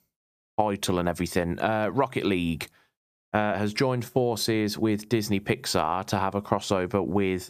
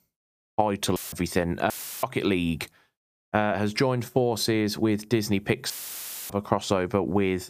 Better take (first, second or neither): first